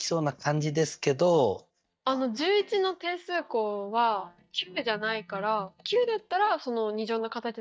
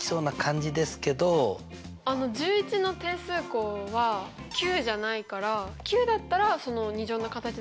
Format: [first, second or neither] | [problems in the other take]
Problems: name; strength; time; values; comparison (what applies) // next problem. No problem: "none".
second | noise reduction (neural mask model DeepFilterNet 3)